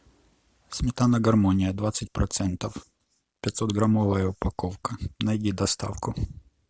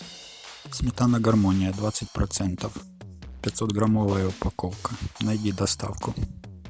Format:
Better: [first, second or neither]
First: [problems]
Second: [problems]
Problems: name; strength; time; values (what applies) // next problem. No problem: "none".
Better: first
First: none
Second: background sound (Drum kit); 17 dB below the speech